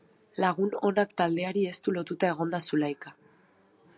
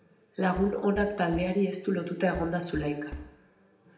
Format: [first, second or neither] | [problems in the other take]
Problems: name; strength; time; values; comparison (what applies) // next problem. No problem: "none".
first | background sound (Knock); 14 dB below the speech // room echo; dies away in 0.8 s